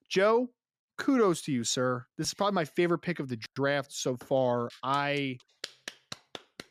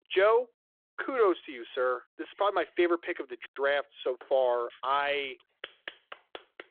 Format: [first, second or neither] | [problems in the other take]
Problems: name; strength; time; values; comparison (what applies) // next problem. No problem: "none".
first | phone-call audio